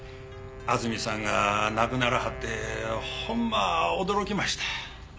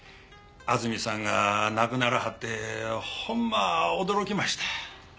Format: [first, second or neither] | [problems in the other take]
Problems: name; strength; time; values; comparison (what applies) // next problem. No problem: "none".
second | background sound (Insect + Wind instrument, woodwind instrument); 11 dB below the speech